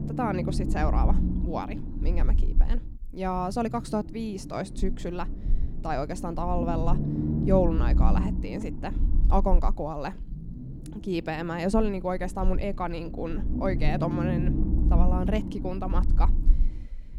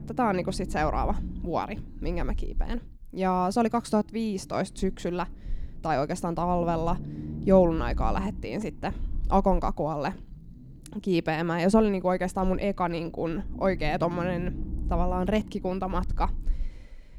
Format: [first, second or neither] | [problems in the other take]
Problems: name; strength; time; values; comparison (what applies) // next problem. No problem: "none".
second | low rumble; loud; throughout; 8 dB below the speech; faint in the second